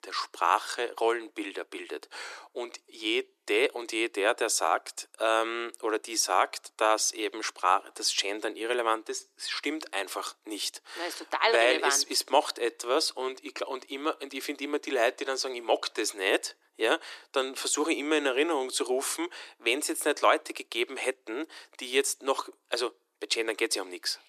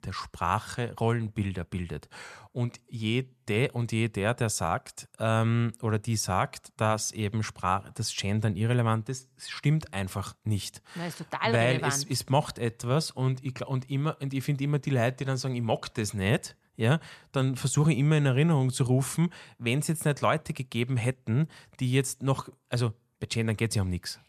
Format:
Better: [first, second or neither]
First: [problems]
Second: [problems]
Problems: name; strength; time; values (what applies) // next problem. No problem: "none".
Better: second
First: thin; very; fading below 300 Hz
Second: none